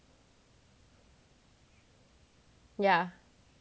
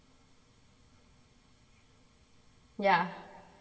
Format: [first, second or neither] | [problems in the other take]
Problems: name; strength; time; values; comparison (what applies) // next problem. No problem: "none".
first | room echo; dies away in 2 s